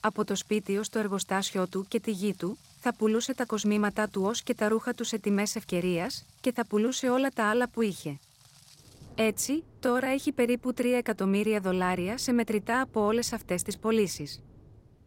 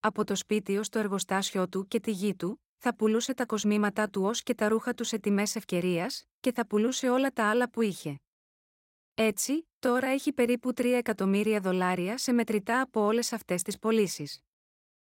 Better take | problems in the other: second | rain or running water; faint; throughout; 25 dB below the speech

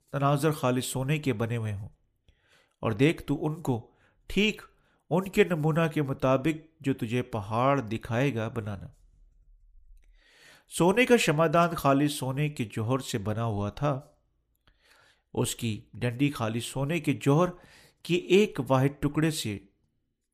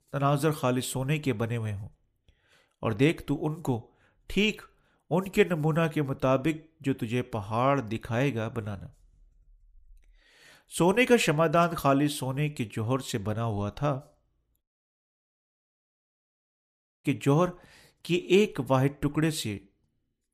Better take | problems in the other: first | audio cutting out; at 15 s for 2.5 s

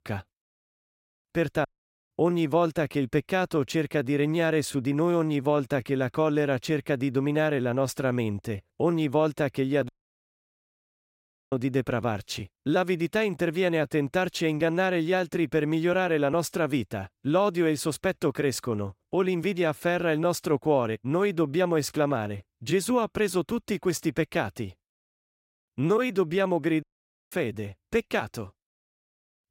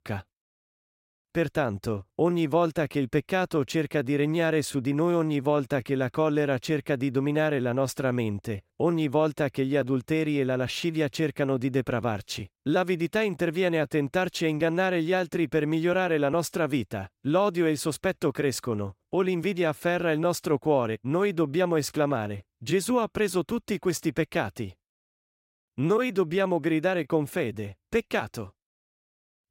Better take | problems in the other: second | audio cutting out; at 1.5 s, at 10 s for 1.5 s and at 27 s

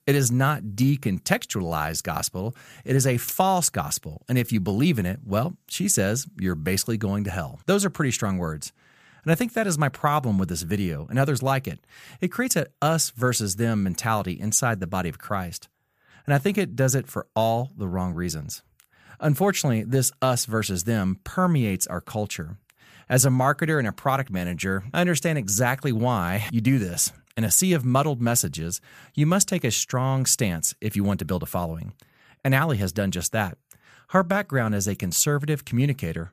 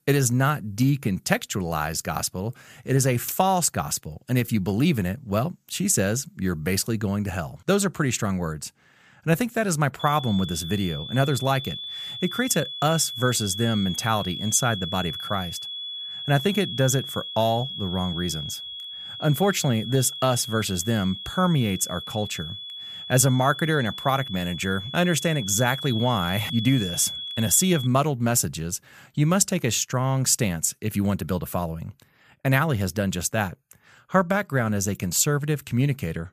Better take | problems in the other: first | high-pitched whine; loud; from 10 to 28 s; 3.5 kHz, 8 dB below the speech

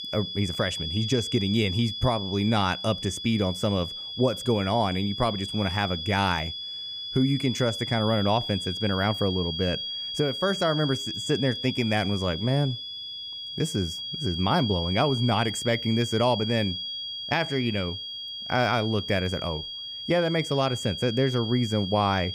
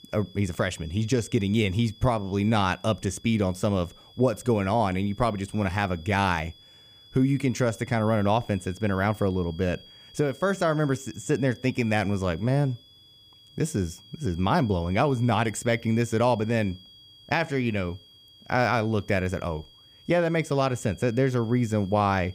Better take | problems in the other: second | high-pitched whine; loud; throughout; 3.5 kHz, 5 dB below the speech; faint in the second

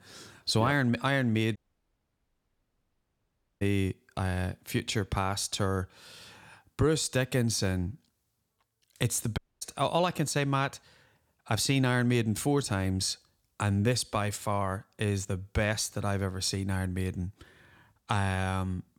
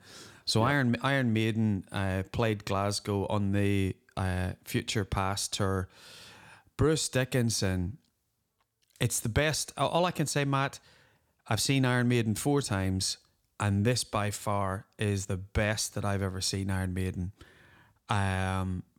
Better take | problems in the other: second | audio cutting out; at 1.5 s for 2 s and at 9.5 s

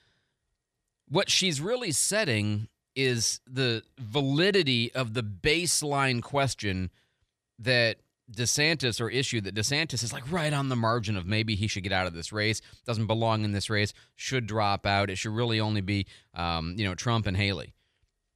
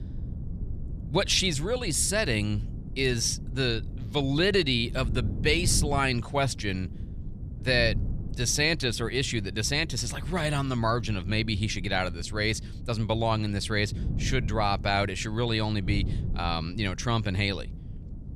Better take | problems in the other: first | wind noise on the microphone; occasional gusts; 20 dB below the speech

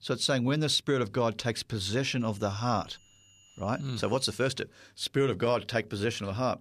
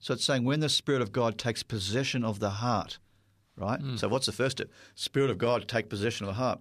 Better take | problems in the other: second | high-pitched whine; faint; from 2 to 4.5 s; 3 kHz, 30 dB below the speech

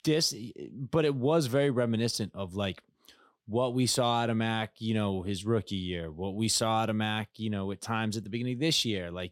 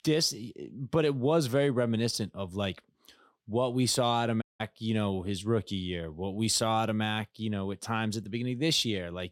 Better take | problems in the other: first | audio cutting out; at 4.5 s

